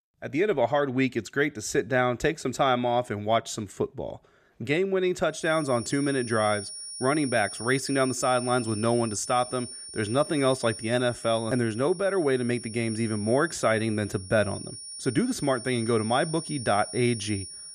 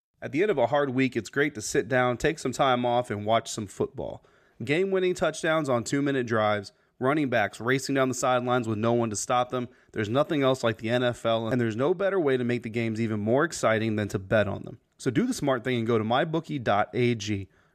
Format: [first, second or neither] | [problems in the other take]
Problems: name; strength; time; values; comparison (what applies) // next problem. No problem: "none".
second | high-pitched whine; noticeable; from 5.5 s on; 9.5 kHz, 10 dB below the speech